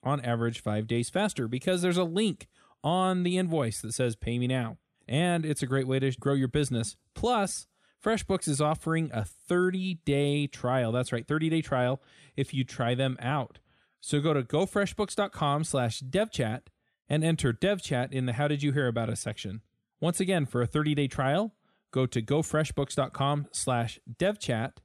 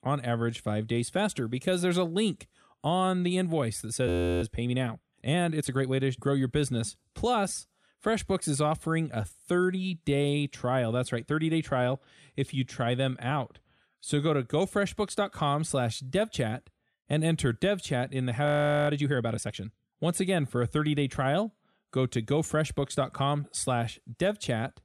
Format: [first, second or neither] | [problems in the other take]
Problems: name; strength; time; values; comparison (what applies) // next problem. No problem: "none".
first | audio freezing; at 4 s and at 18 s